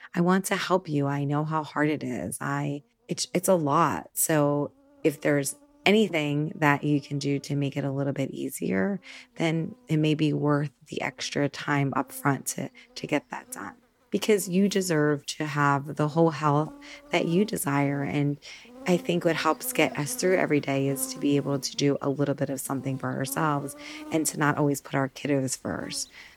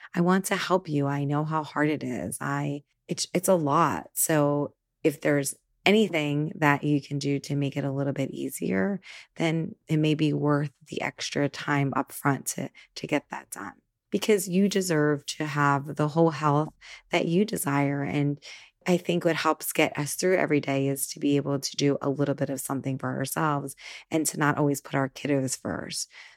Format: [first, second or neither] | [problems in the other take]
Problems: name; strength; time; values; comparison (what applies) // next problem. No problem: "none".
second | animal sounds; faint; throughout; 20 dB below the speech